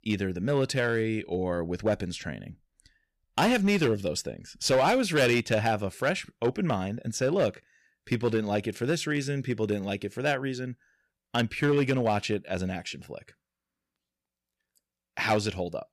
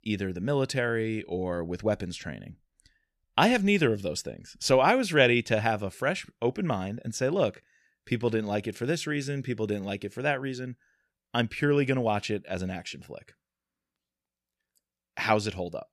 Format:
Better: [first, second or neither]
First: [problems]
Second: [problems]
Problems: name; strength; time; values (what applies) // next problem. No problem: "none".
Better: second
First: distortion; slight; 4% of the sound clipped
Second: none